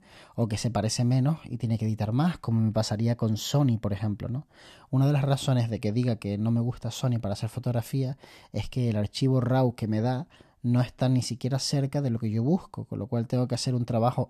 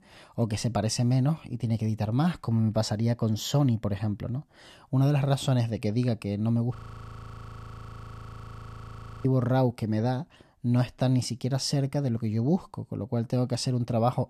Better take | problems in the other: first | audio freezing; at 7 s for 2.5 s

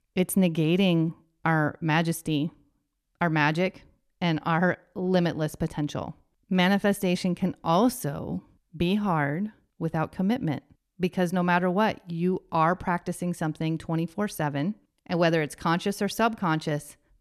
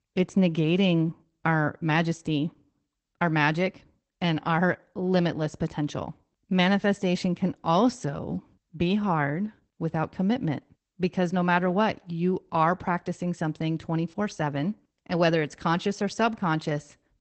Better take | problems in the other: first | garbled, watery; badly; nothing above 8 kHz

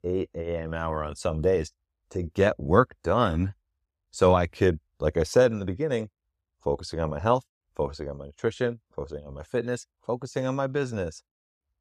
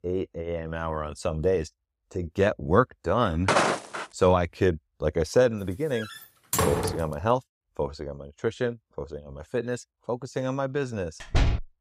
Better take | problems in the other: first | footsteps; loud; at 3.5 s; peak 5 dB above the speech // door banging; loud; from 6 to 7 s and at 11 s; peak 3 dB above the speech

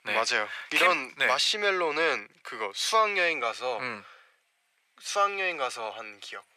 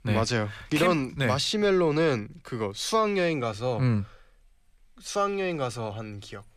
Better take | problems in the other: second | thin; very; fading below 700 Hz

